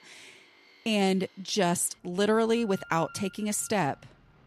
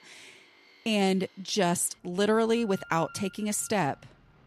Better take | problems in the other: neither | machinery noise; faint; throughout; 25 dB below the speech; the same in both

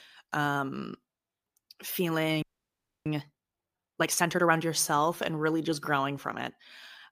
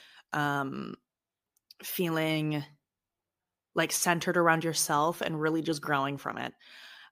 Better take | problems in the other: second | audio freezing; at 2.5 s for 0.5 s

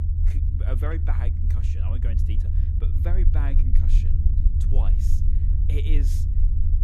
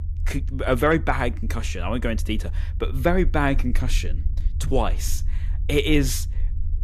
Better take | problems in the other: second | low rumble; loud; throughout; 1 dB below the speech; faint in the second

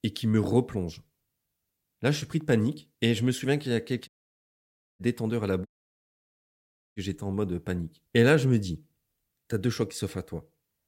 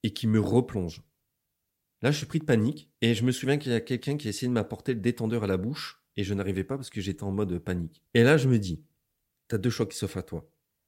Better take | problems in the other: second | audio cutting out; at 4 s for 1 s and at 5.5 s for 1.5 s

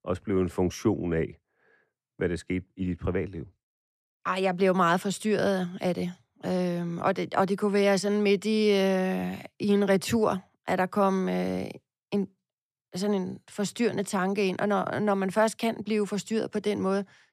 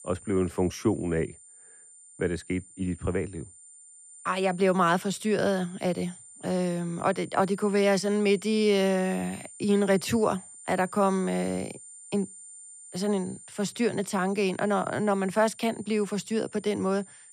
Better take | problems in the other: first | high-pitched whine; noticeable; throughout; 9 kHz, 20 dB below the speech

